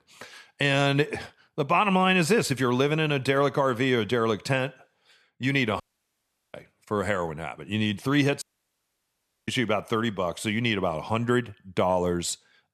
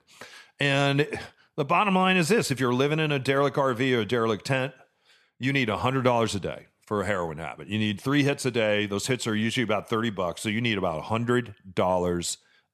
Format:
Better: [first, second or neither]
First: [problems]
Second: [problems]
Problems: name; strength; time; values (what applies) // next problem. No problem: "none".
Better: second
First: audio cutting out; at 6 s for 0.5 s and at 8.5 s for 1 s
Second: none